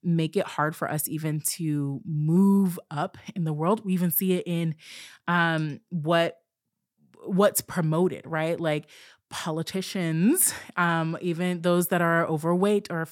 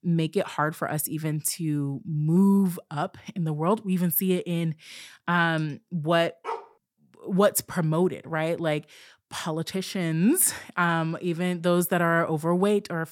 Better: first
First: none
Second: dog barking; faint; at 6.5 s; peak 10 dB below the speech

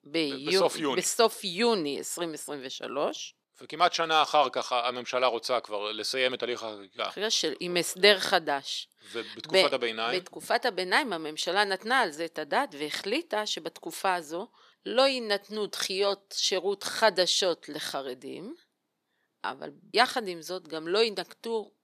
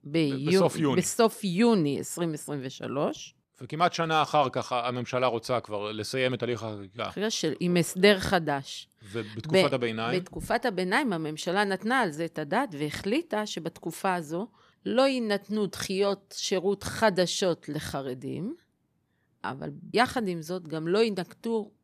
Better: second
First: thin; somewhat; fading below 400 Hz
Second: none

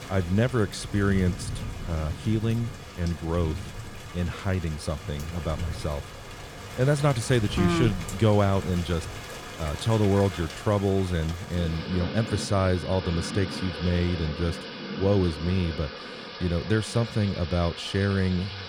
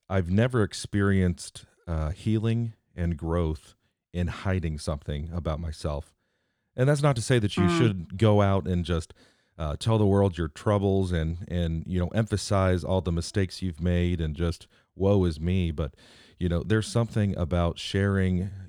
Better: second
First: rain or running water; noticeable; throughout; 10 dB below the speech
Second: none

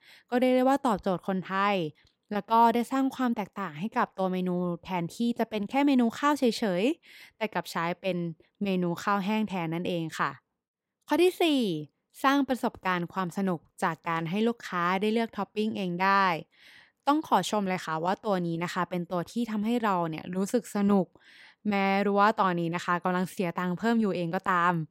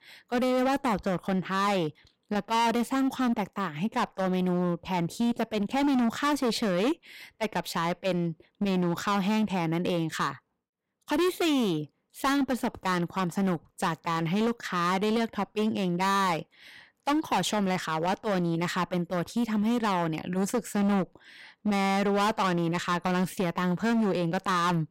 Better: first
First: none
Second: distortion; heavy; 16% of the sound clipped

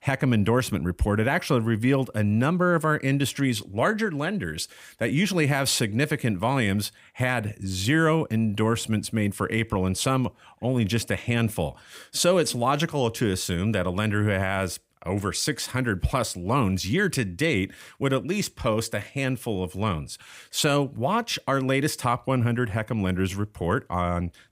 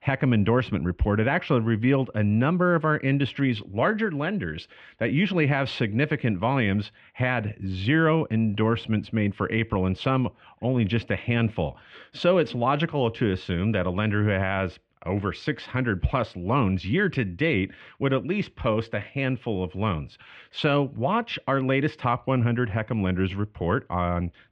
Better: first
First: none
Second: muffled; very; fading above 3 kHz

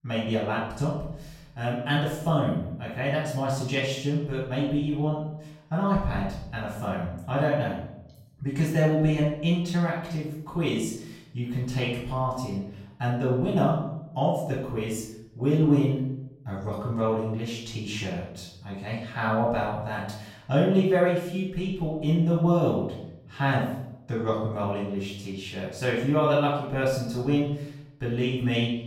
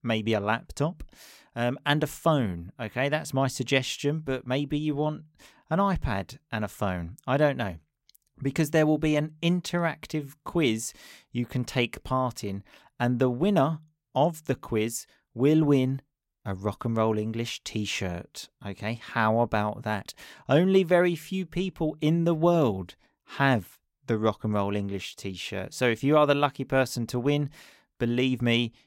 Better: second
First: off-mic speech; far // room echo; noticeable; dies away in 0.8 s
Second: none

